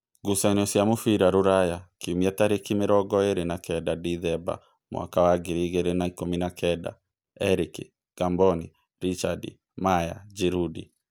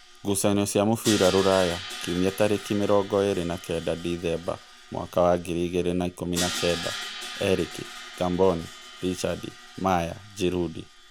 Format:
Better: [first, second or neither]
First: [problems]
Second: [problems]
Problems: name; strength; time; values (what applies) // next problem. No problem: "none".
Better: first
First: none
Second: background sound (Crash cymbal); 12 dB below the speech